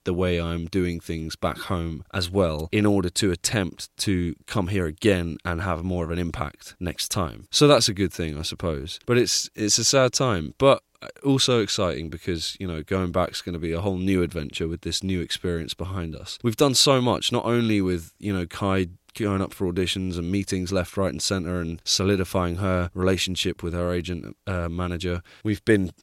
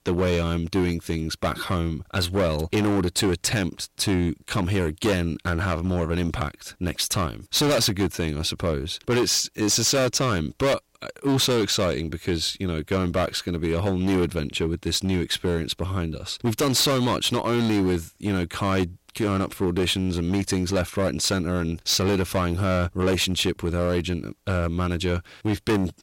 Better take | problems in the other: first | distortion; heavy; 13% of the sound clipped

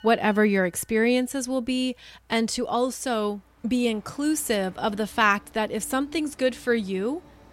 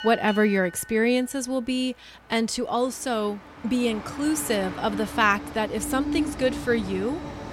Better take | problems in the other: first | train or aircraft noise; loud; throughout; 9 dB below the speech; faint in the first

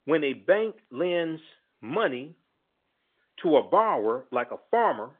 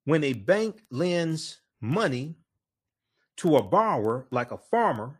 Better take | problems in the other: second | phone-call audio; nothing above 3.5 kHz

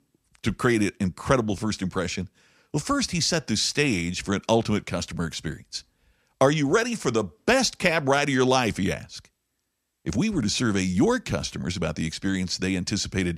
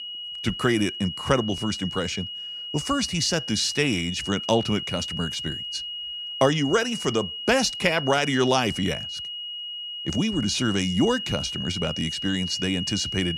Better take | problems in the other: first | high-pitched whine; loud; throughout; 3 kHz, 6 dB below the speech

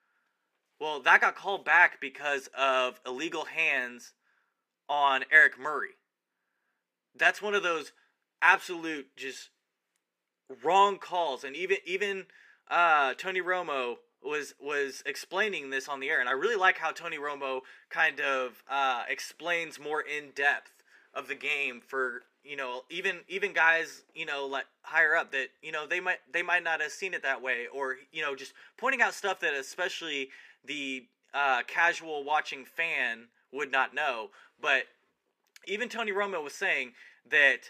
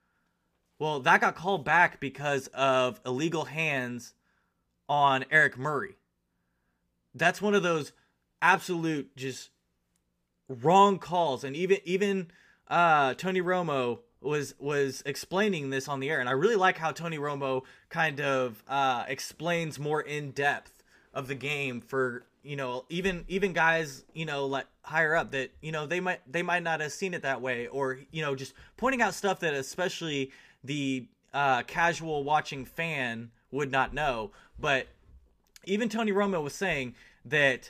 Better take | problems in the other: second | thin; somewhat; fading below 300 Hz

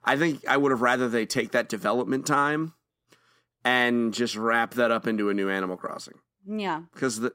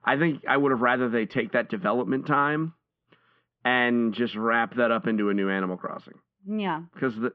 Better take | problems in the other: first | muffled; very; fading above 3 kHz

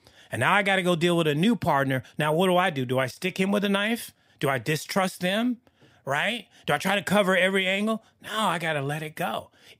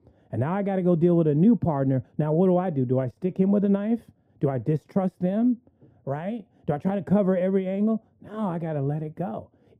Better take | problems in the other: first | muffled; very; fading above 1 kHz

